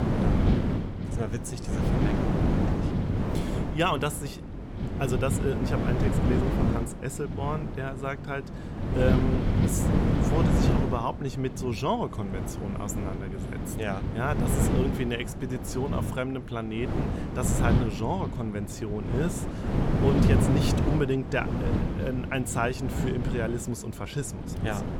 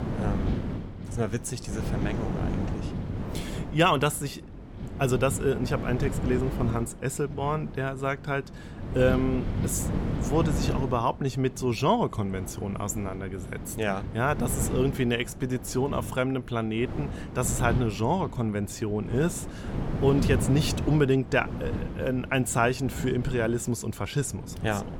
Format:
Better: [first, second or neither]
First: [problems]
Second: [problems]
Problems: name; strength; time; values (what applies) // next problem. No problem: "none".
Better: second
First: wind noise on the microphone; heavy; 2 dB below the speech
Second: wind noise on the microphone; occasional gusts; 10 dB below the speech